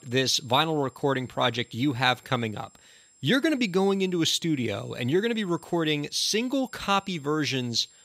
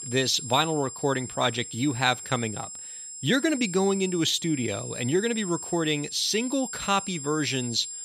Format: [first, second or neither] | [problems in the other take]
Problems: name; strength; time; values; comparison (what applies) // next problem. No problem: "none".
first | high-pitched whine; loud; throughout; 7.5 kHz, 9 dB below the speech; faint in the first